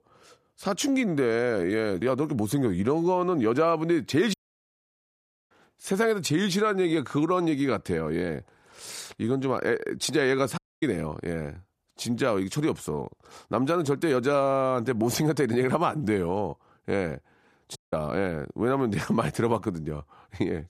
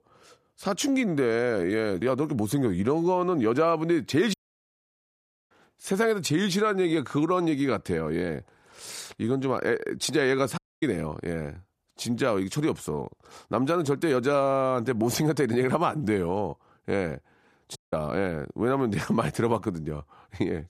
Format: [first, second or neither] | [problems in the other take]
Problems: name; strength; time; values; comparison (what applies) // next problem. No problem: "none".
neither | audio cutting out; at 4.5 s for 1 s, at 11 s and at 18 s; the same in both